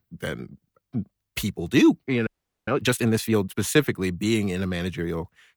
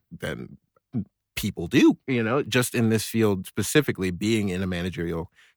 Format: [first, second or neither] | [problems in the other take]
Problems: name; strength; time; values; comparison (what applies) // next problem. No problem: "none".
second | audio freezing; at 2.5 s